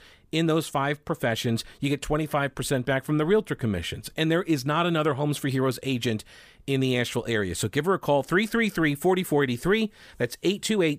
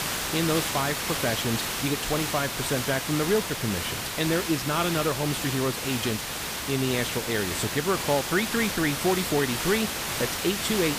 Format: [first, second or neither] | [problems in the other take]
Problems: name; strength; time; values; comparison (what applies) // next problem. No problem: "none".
first | hiss; loud; throughout; 1 dB below the speech